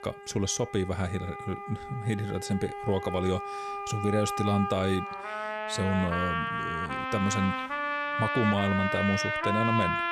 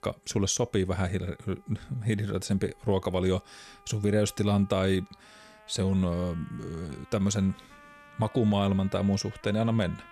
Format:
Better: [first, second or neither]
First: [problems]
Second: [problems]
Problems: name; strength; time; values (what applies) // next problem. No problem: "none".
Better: second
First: background music; loud; throughout; 2 dB below the speech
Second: background music; faint; throughout; 25 dB below the speech